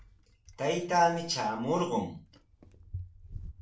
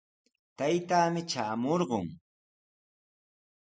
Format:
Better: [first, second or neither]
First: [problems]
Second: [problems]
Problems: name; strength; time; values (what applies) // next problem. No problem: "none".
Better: second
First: background sound (Bicycle); 16 dB below the speech // room echo; dies away in 0.3 s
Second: none